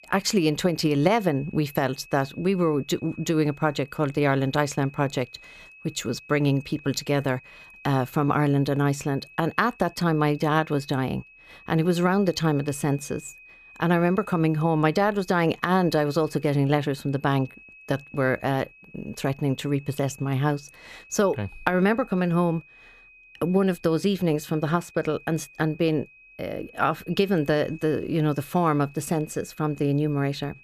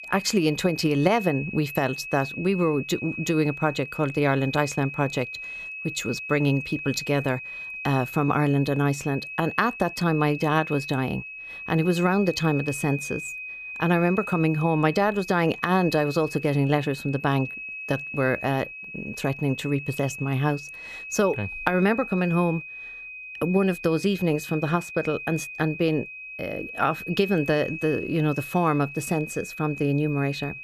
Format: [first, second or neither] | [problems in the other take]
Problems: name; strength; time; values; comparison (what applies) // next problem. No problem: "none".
first | high-pitched whine; loud; throughout; 2.5 kHz, 10 dB below the speech; faint in the first